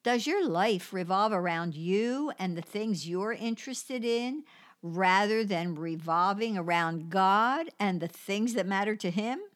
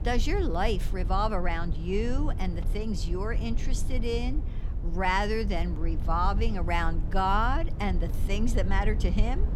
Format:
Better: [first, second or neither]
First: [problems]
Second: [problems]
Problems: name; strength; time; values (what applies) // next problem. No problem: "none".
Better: first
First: none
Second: low rumble; noticeable; throughout; 15 dB below the speech